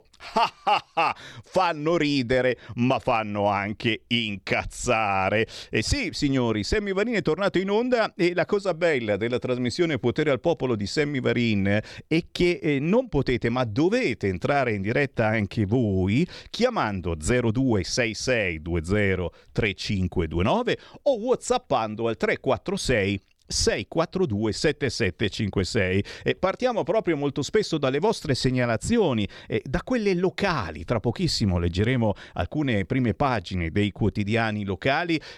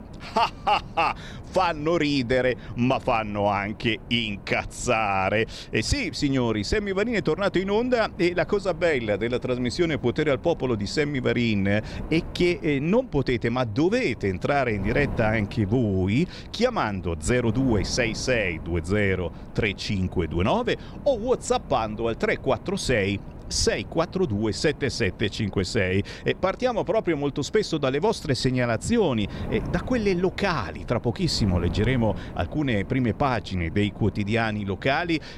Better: first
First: none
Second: wind noise on the microphone; occasional gusts; 20 dB below the speech

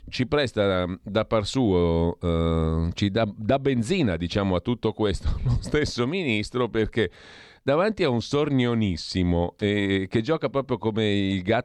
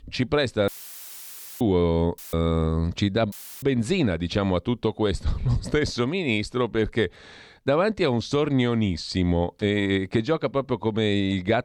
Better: first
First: none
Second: audio cutting out; filled with static; at 0.5 s for 1 s, at 2 s and at 3.5 s

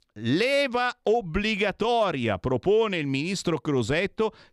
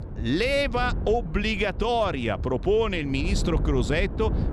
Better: first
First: none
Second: wind noise on the microphone; occasional gusts; 15 dB below the speech

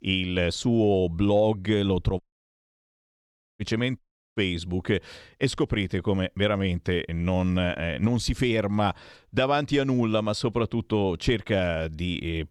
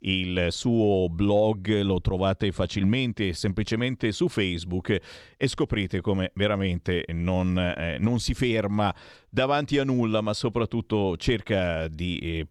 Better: second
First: audio cutting out; at 2 s for 1.5 s and at 4 s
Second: none

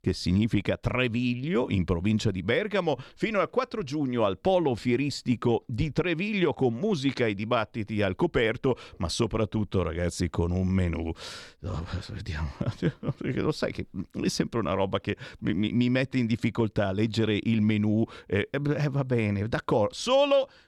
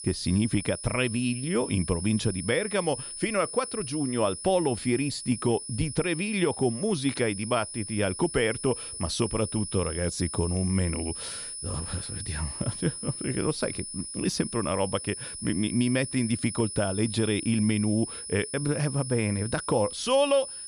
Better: first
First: none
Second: high-pitched whine; loud; throughout; 9.5 kHz, 8 dB below the speech

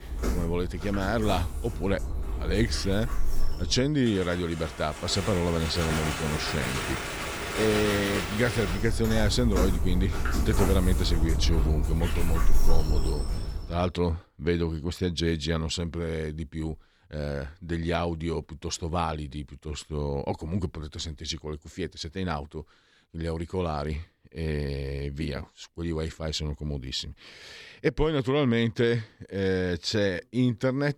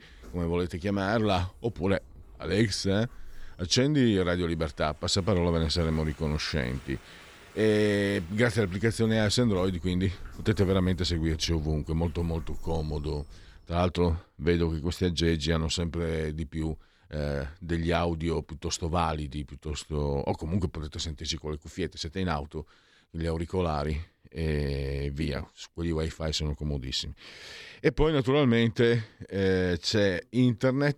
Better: second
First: animal sounds; loud; until 14 s; 2 dB below the speech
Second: animal sounds; faint; until 14 s; 20 dB below the speech

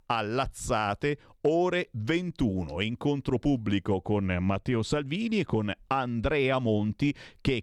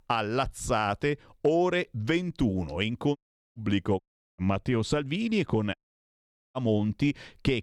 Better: first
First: none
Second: audio cutting out; at 3 s, at 4 s and at 6 s for 1 s

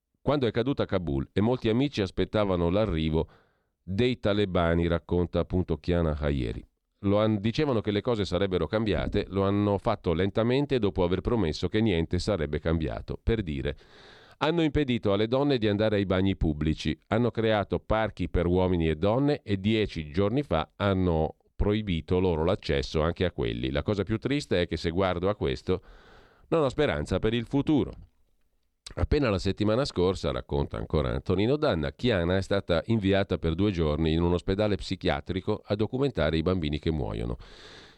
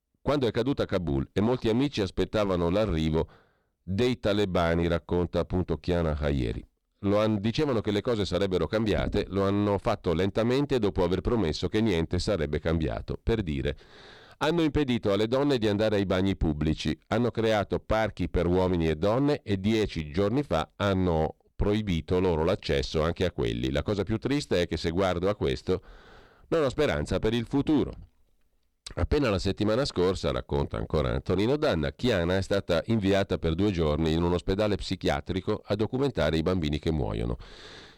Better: first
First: none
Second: distortion; slight; 7% of the sound clipped

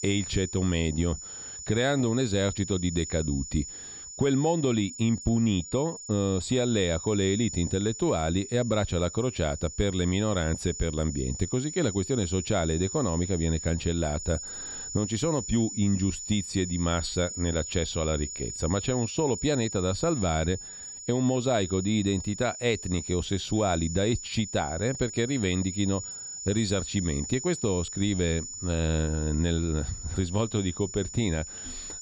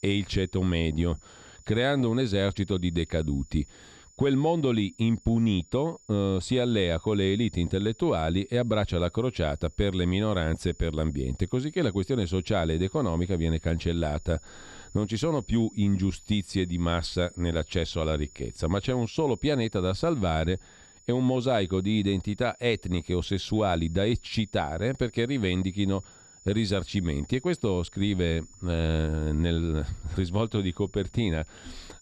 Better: second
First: high-pitched whine; loud; throughout; 7 kHz, 9 dB below the speech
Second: high-pitched whine; faint; throughout; 7 kHz, 25 dB below the speech

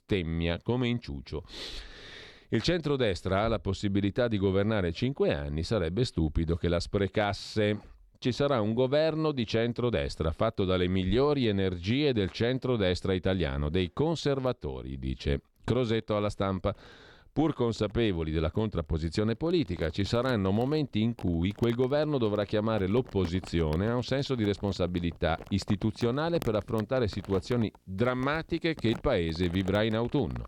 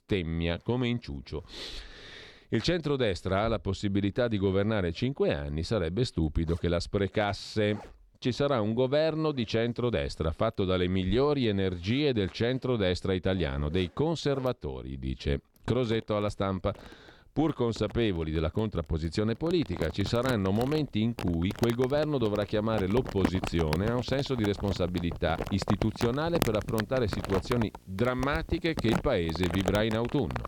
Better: first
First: household noises; faint; throughout; 20 dB below the speech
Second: household noises; loud; throughout; 9 dB below the speech

